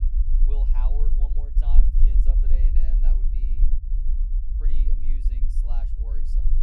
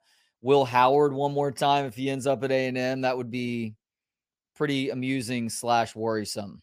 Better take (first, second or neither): second